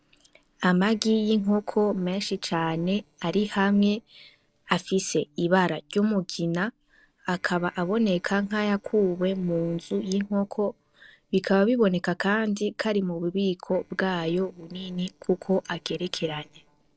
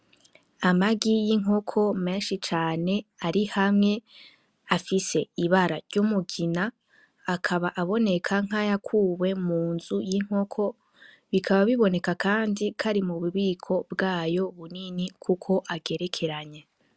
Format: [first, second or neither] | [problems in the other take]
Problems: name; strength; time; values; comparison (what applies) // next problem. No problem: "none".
second | noise reduction (neural separator model SepFormer DNS4)